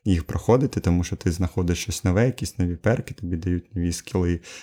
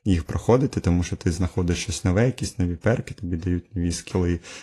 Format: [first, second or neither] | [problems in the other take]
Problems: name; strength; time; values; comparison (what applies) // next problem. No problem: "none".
first | garbled, watery; slightly; nothing above 11.5 kHz